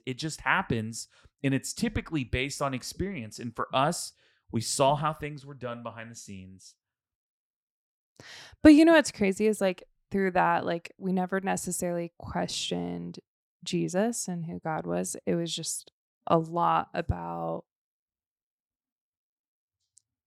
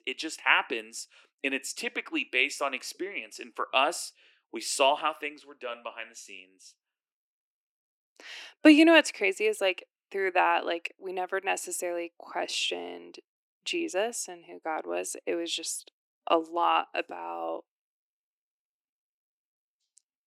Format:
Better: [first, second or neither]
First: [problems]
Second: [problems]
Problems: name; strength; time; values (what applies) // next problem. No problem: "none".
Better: first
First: none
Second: thin; somewhat; fading below 300 Hz